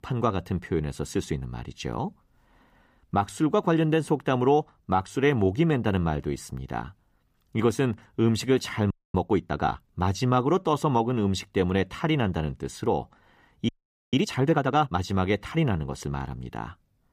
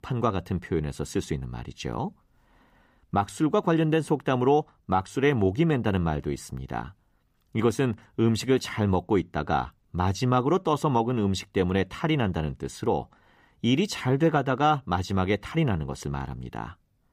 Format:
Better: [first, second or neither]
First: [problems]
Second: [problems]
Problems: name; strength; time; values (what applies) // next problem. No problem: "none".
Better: second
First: audio freezing; at 9 s and at 14 s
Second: none